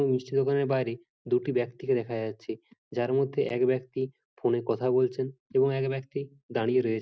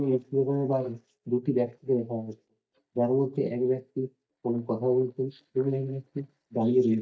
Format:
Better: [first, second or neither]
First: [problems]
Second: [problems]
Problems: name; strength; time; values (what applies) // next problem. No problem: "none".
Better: first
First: none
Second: noise reduction (neural mask model DeepFilterNet 3)